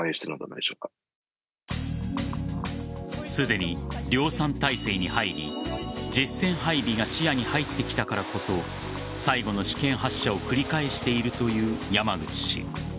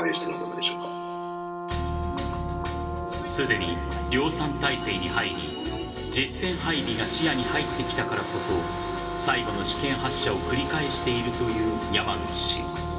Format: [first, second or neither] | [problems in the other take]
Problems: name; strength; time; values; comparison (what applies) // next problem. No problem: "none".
first | background sound (Brass instrument); 5 dB below the speech // room echo; dies away in 2.2 s